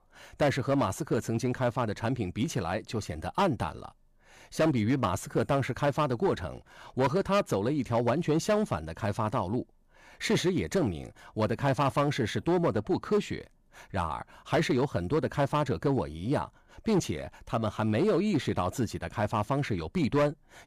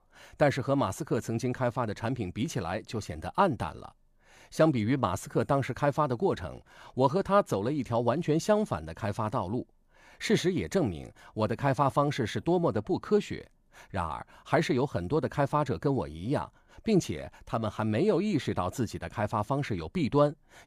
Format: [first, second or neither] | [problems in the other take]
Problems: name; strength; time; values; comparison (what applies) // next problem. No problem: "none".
second | distortion; slight; 5% of the sound clipped